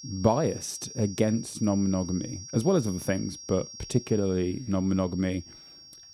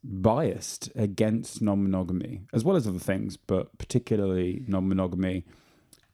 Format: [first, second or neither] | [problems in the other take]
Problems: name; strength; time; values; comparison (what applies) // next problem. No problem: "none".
second | high-pitched whine; noticeable; throughout; 5.5 kHz, 15 dB below the speech